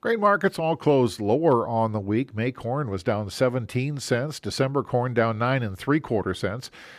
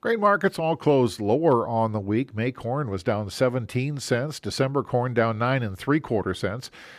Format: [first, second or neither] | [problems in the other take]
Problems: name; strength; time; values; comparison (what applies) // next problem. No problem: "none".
neither | none